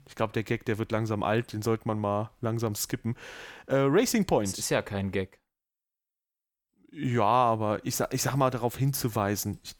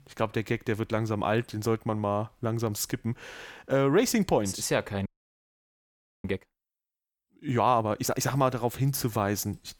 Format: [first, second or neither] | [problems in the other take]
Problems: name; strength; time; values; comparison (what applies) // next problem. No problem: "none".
first | audio freezing; at 5 s for 1 s